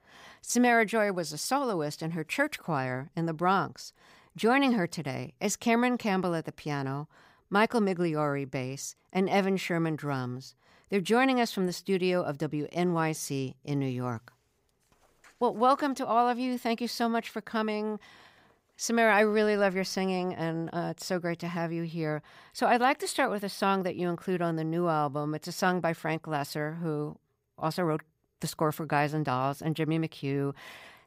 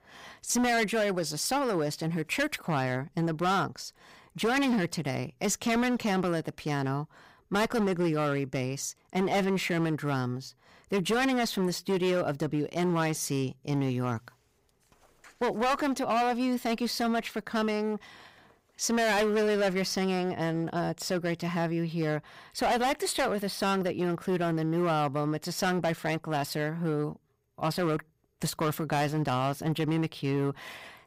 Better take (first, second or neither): first